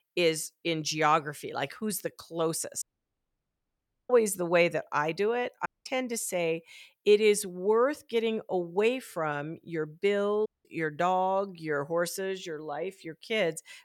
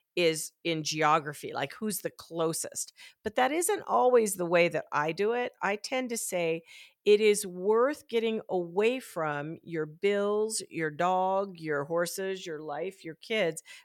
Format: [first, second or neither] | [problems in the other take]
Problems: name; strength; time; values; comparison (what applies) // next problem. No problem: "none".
second | audio cutting out; at 3 s for 1.5 s, at 5.5 s and at 10 s